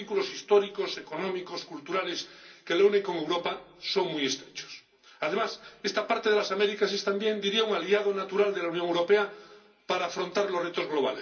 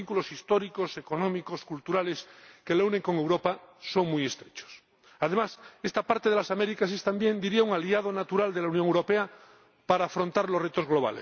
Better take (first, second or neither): second